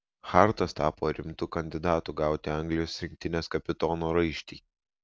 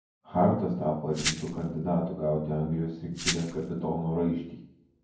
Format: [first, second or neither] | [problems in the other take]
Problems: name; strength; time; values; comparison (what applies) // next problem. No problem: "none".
first | background sound (Glass); 6 dB below the speech // room echo; dies away in 0.9 s